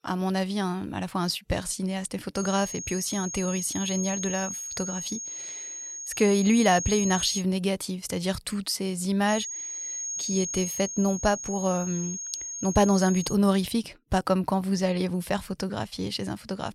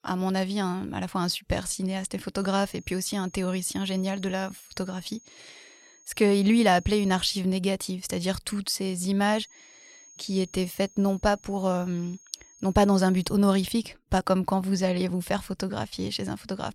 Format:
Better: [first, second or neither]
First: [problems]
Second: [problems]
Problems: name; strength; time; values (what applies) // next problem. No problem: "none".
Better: second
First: high-pitched whine; loud; from 2.5 to 7.5 s and from 9.5 to 13 s; 6.5 kHz, 5 dB below the speech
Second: high-pitched whine; faint; from 2.5 to 7.5 s and from 9.5 to 13 s; 6.5 kHz, 25 dB below the speech